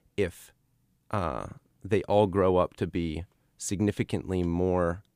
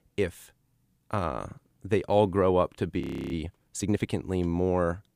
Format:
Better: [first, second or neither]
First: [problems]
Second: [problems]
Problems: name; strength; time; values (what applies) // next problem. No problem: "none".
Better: first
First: none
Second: audio freezing; at 3 s